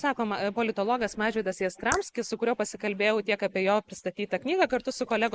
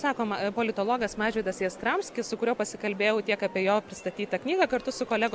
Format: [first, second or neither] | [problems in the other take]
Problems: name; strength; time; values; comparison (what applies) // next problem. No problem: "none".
second | noise reduction (neural mask model Resemble Enhance denoiser)